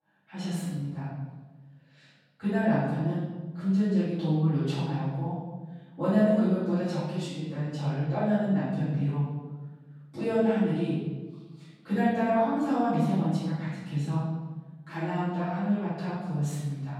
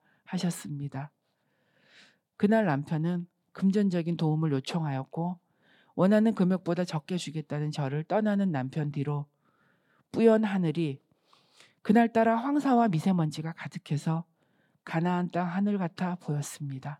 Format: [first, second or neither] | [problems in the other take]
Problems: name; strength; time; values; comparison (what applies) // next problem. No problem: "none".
second | off-mic speech; far // room echo; strong; dies away in 1.2 s